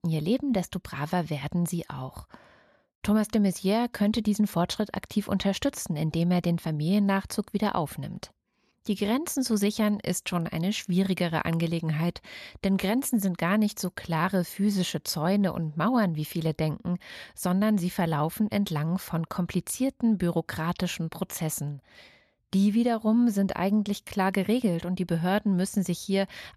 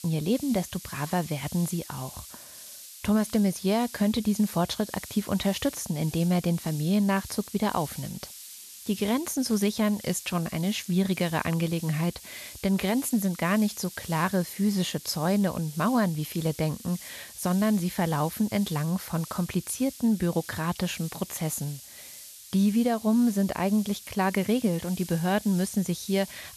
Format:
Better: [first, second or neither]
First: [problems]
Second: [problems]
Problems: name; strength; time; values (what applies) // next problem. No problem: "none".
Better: first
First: none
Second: hiss; noticeable; throughout; 15 dB below the speech